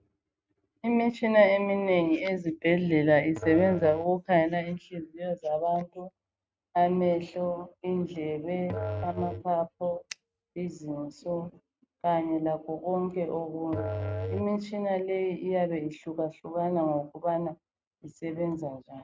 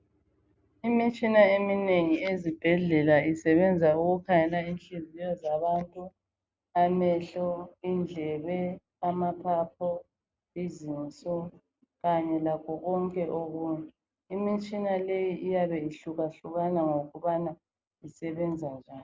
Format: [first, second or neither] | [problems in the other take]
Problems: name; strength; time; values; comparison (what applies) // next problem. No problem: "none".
second | noise reduction (neural mask model RNNoise)